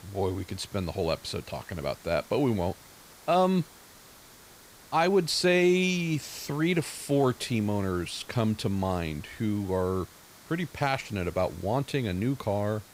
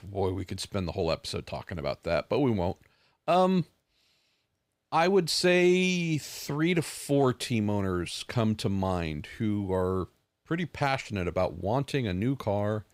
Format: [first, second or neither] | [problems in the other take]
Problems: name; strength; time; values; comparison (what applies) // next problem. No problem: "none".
second | hiss; faint; throughout; 20 dB below the speech